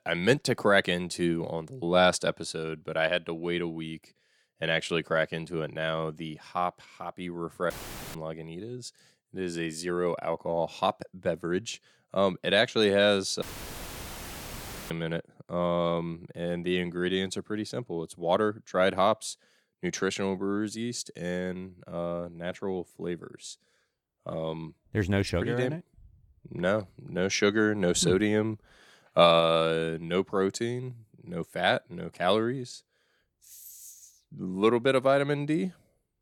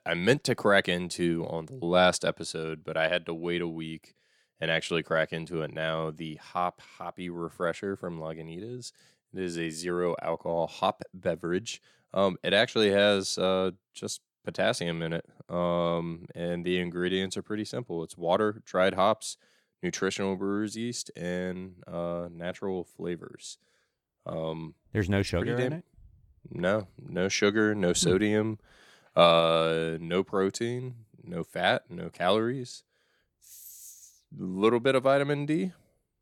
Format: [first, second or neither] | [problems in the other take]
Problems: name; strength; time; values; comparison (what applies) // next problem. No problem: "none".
second | audio cutting out; filled with static; at 7.5 s and at 13 s for 1.5 s